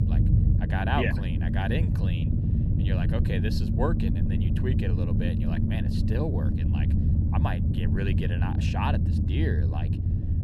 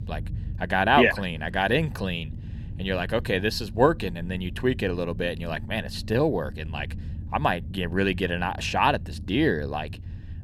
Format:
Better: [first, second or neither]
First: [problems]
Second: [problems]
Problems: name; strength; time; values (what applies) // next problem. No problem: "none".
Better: second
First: low rumble; loud; throughout; 3 dB below the speech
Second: low rumble; faint; throughout; 25 dB below the speech